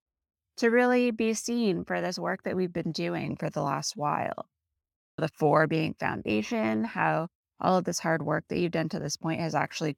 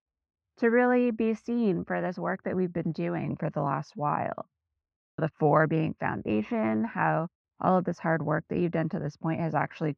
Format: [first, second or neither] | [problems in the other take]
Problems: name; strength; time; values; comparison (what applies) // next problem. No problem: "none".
first | muffled; very; fading above 1.5 kHz